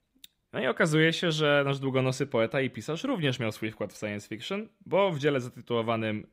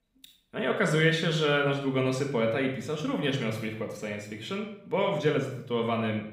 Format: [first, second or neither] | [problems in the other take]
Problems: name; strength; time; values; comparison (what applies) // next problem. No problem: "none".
first | room echo; noticeable; dies away in 0.6 s // off-mic speech; somewhat distant